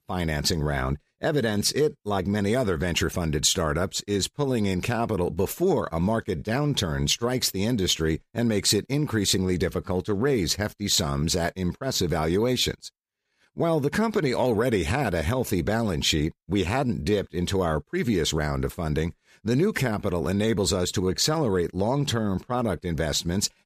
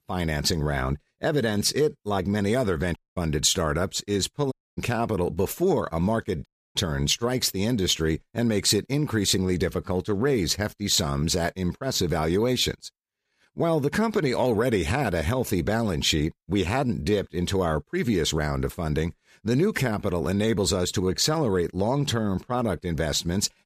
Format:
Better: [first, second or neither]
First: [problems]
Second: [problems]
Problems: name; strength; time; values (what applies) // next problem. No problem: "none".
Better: first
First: none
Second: audio cutting out; at 3 s, at 4.5 s and at 6.5 s